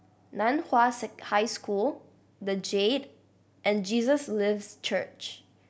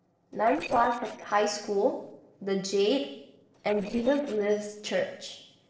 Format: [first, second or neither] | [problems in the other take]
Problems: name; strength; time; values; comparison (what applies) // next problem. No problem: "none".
first | noise reduction (neural separator model SepFormer DNS4)